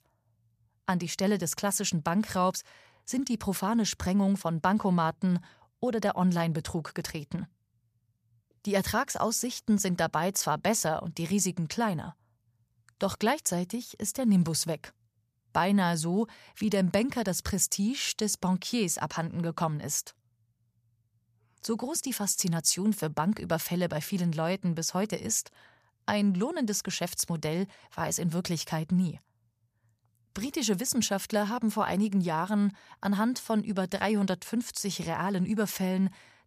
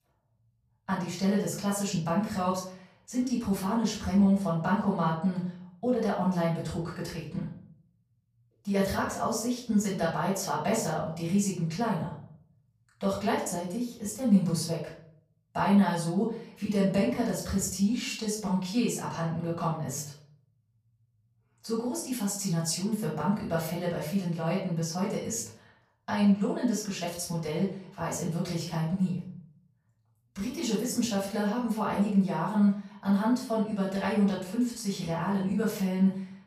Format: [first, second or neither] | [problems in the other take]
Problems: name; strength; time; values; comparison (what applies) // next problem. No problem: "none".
first | off-mic speech; far // room echo; noticeable; dies away in 0.5 s